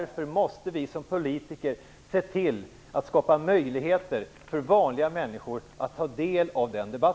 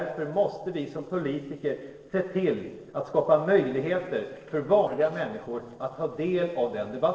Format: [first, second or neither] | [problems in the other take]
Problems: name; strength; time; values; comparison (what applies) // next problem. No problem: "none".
first | noise reduction (neural separator model SepFormer DNS4)